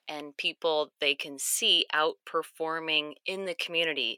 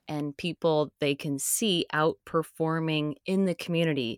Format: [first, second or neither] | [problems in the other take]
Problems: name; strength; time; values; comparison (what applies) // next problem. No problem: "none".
second | thin; very; fading below 550 Hz